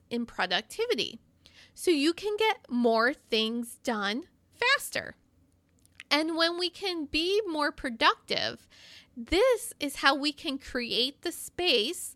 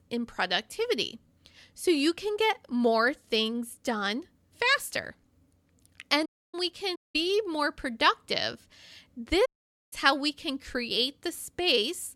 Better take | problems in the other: first | audio cutting out; at 6.5 s, at 7 s and at 9.5 s

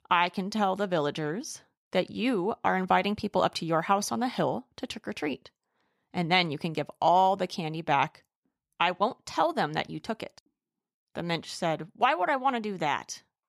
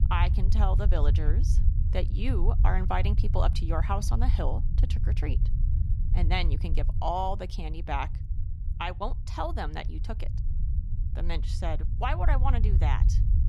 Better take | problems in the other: first | low rumble; noticeable; throughout; 10 dB below the speech

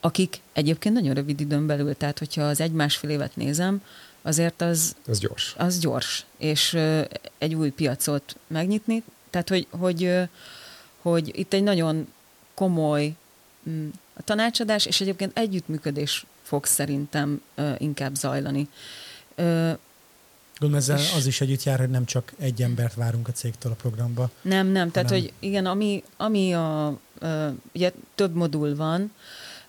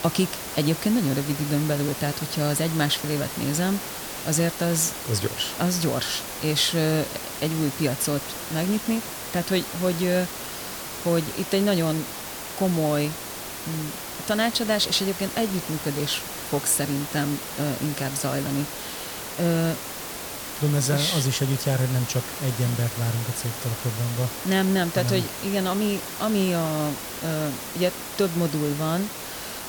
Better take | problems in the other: first | hiss; loud; throughout; 7 dB below the speech; faint in the first

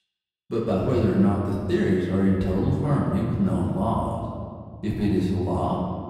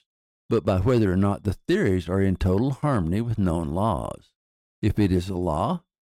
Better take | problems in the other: second | off-mic speech; far // room echo; noticeable; dies away in 1.9 s

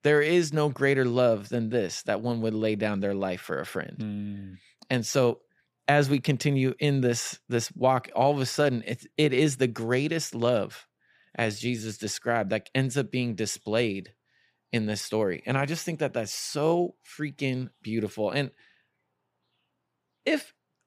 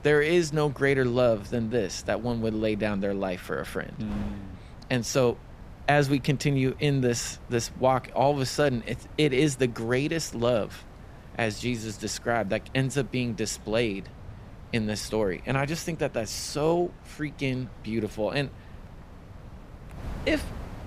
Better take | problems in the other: first | wind noise on the microphone; occasional gusts; 20 dB below the speech

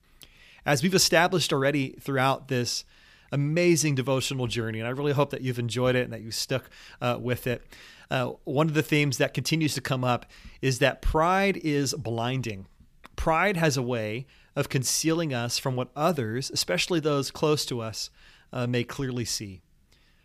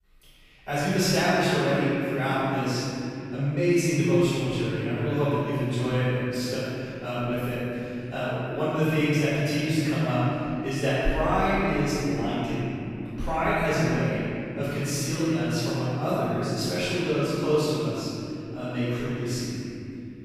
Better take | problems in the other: first | room echo; strong; dies away in 3 s // off-mic speech; far

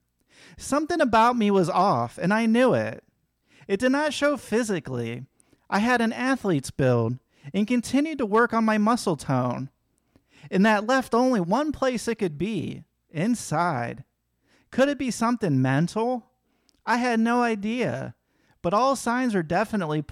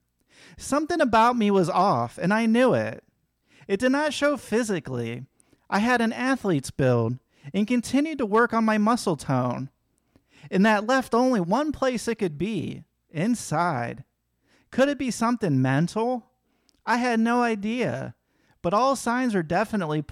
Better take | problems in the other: neither | none

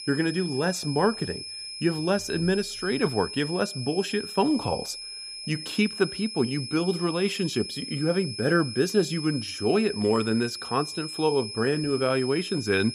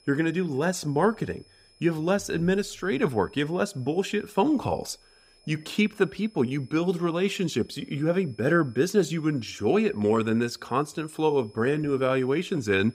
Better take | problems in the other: second | high-pitched whine; loud; throughout; 5 kHz, 8 dB below the speech; faint in the second

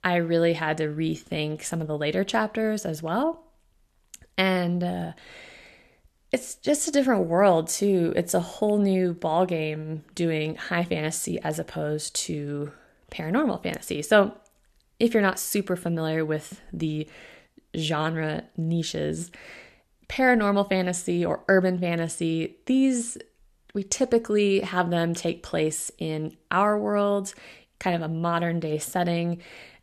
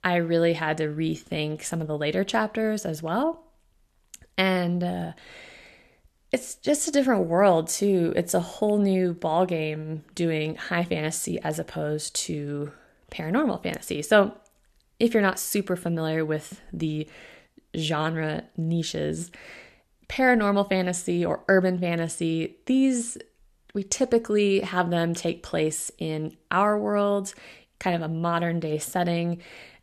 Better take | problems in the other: neither | none

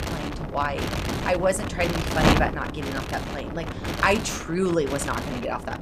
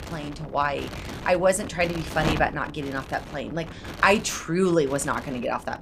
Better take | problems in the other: second | wind noise on the microphone; heavy; 3 dB below the speech; occasional gusts in the second

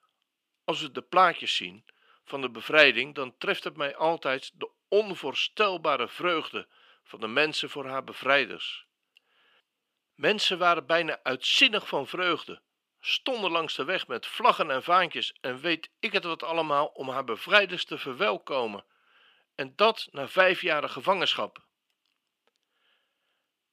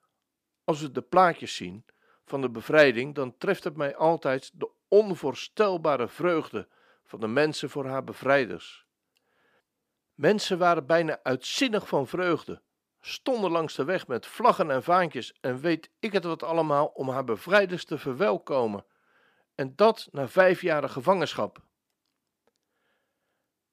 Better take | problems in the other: second | thin; very slightly; fading below 550 Hz

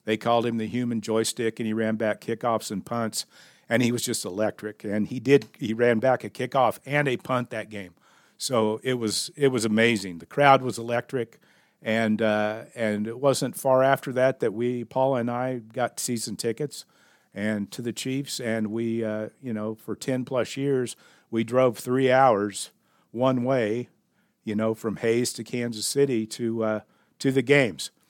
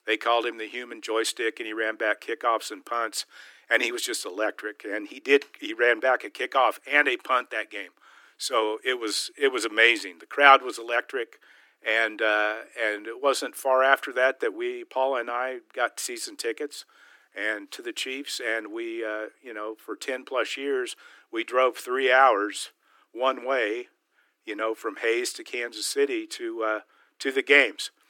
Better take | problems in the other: first | thin; very; fading below 300 Hz

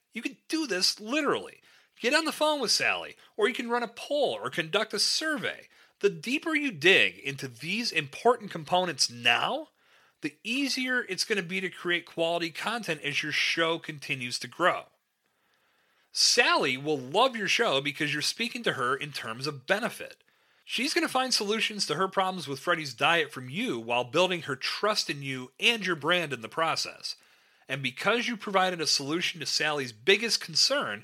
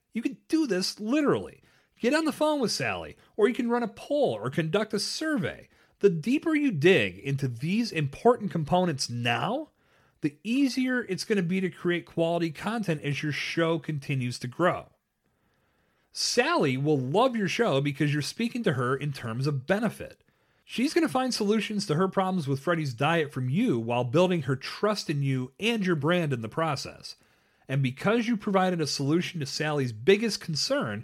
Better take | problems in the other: second | thin; somewhat; fading below 850 Hz

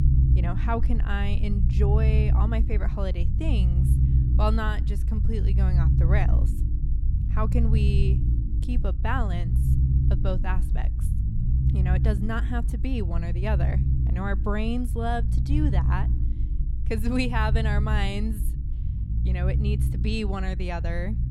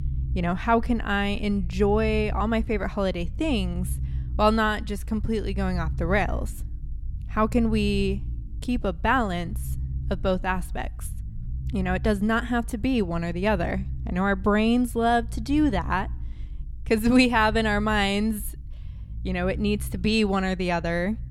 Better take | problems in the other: second | low rumble; loud; throughout; 7 dB below the speech; faint in the second

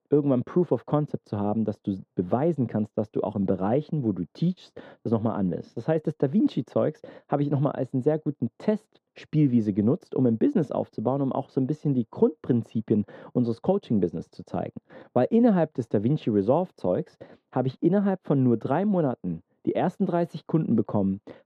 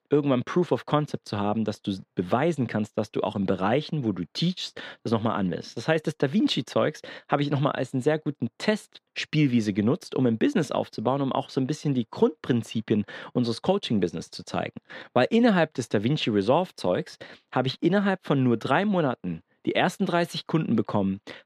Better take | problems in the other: second | muffled; very; fading above 1 kHz

